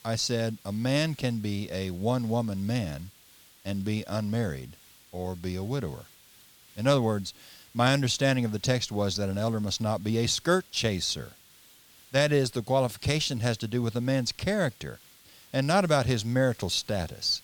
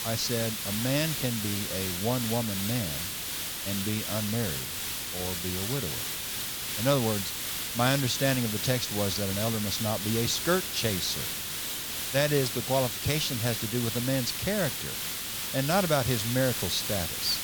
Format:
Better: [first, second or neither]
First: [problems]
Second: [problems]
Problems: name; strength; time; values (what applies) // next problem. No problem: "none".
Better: first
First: hiss; faint; throughout; 25 dB below the speech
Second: hiss; loud; throughout; 1 dB below the speech